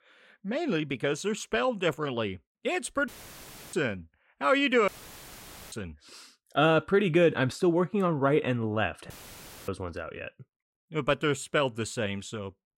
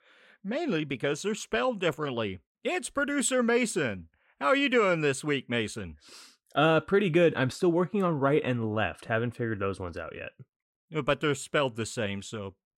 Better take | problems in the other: second | audio cutting out; filled with static; at 3 s for 0.5 s, at 5 s for 1 s and at 9 s for 0.5 s

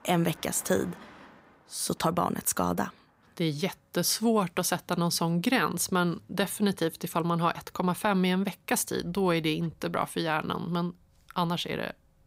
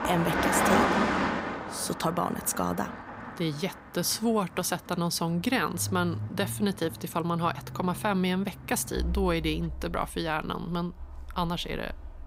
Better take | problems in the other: first | traffic noise; loud; throughout; 2 dB below the speech; faint in the first

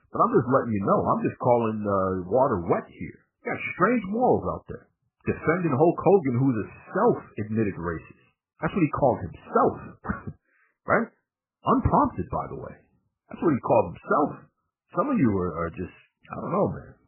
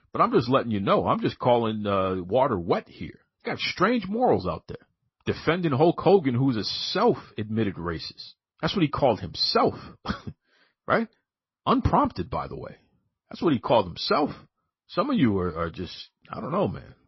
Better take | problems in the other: second | garbled, watery; badly; nothing above 2.5 kHz; slightly in the second

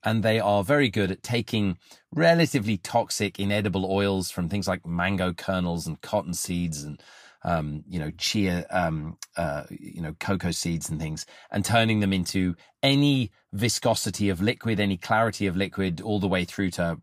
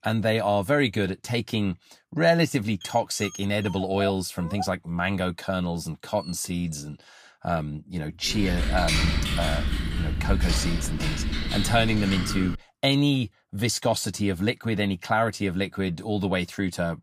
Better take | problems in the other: first | dog barking; noticeable; from 3 to 6.5 s; peak 6 dB below the speech // keyboard typing; loud; from 8.5 to 13 s; peak 3 dB above the speech

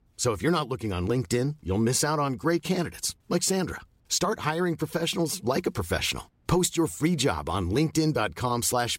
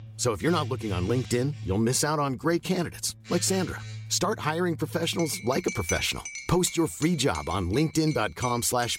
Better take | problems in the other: first | household noises; noticeable; throughout; 10 dB below the speech

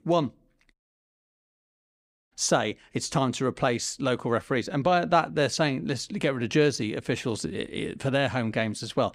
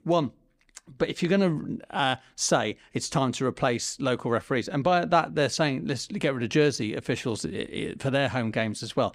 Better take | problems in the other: second | audio cutting out; at 0.5 s for 1.5 s

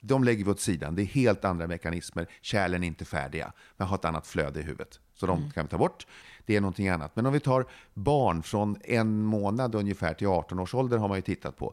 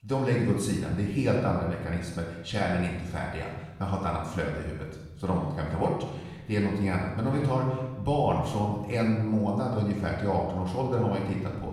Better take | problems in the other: first | off-mic speech; far // room echo; noticeable; dies away in 1.1 s

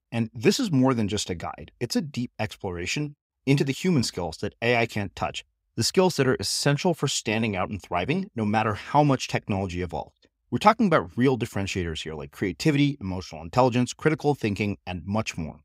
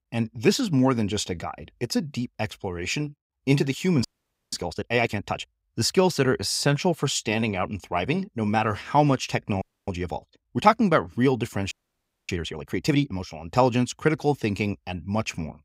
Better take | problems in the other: first | audio freezing; at 4 s, at 9.5 s and at 12 s for 0.5 s

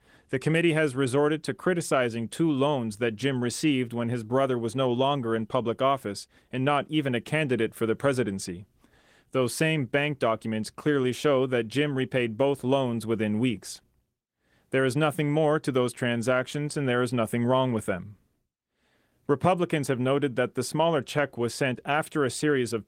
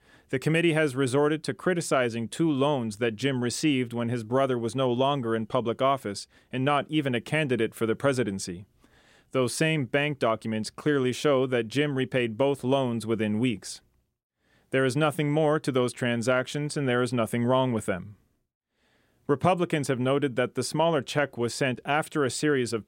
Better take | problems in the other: second | garbled, watery; slightly; nothing above 15.5 kHz

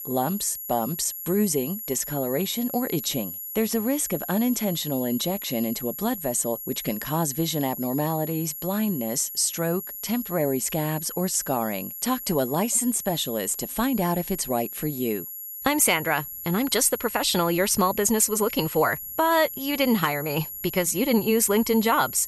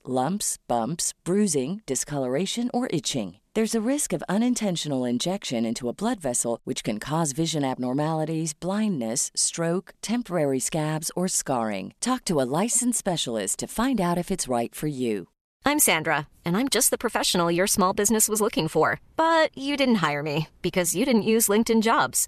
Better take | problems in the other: second | high-pitched whine; loud; throughout; 11.5 kHz, 8 dB below the speech

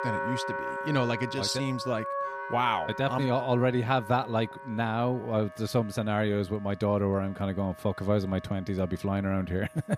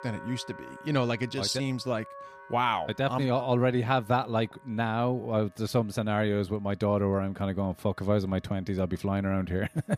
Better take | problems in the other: second | background music; loud; throughout; 9 dB below the speech; faint in the second

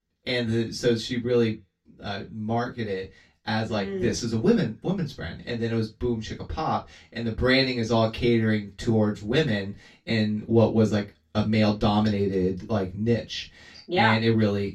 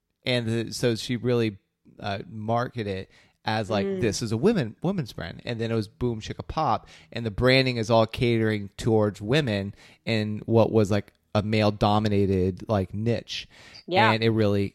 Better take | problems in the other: second | room echo; slight; dies away in 0.2 s // off-mic speech; far

